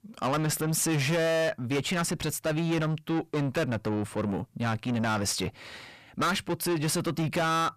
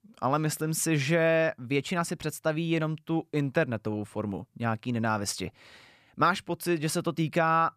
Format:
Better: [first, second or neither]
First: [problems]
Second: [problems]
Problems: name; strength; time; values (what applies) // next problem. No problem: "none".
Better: second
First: distortion; heavy; 6 dB below the speech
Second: none